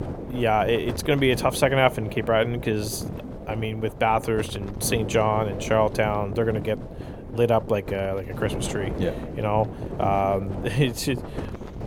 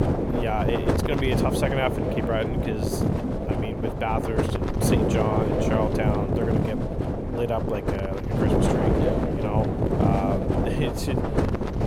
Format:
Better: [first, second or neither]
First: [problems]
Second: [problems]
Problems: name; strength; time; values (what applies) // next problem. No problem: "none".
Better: first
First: wind noise on the microphone; occasional gusts; 15 dB below the speech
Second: wind noise on the microphone; heavy; 2 dB above the speech